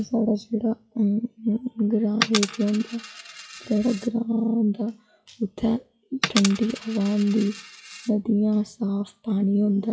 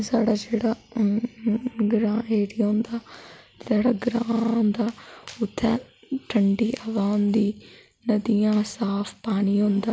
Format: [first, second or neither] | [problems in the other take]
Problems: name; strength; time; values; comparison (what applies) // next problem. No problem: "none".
second | noise reduction (classical method WPE with log-MMSE)